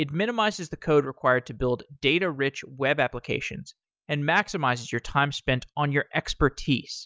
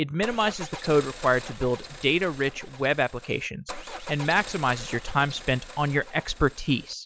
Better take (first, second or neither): first